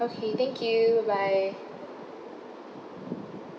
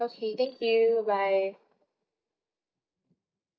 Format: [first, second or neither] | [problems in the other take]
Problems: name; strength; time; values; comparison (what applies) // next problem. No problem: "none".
first | noise reduction (neural mask model DeepFilterNet 3)